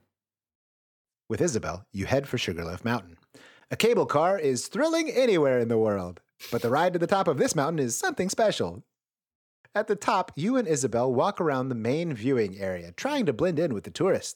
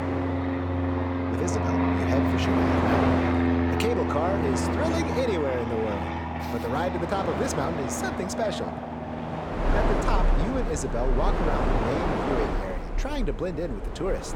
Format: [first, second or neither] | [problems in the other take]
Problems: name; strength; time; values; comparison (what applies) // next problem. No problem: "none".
first | train or aircraft noise; very loud; throughout; 4 dB above the speech